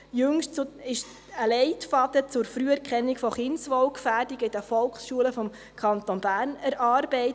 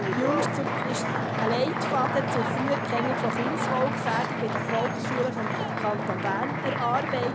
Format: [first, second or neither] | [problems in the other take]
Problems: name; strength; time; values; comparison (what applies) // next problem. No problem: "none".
first | background sound (Applause + Ocean); 2 dB above the speech